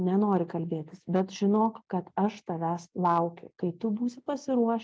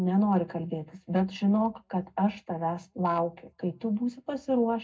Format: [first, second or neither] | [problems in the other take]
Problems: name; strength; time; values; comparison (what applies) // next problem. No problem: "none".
first | room echo; dies away in 0.3 s